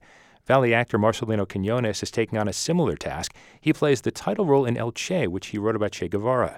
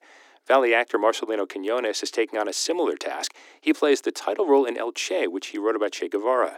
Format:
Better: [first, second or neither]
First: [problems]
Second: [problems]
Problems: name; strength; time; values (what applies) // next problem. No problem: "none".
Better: first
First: none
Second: thin; somewhat; fading below 300 Hz